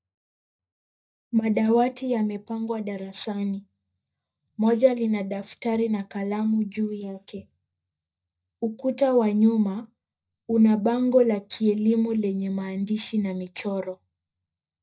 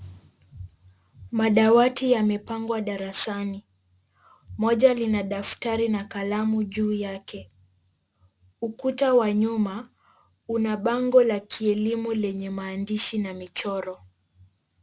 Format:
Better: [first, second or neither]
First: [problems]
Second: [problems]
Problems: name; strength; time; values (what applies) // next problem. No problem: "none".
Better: second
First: noise reduction (neural mask model DeepFilterNet 3)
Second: none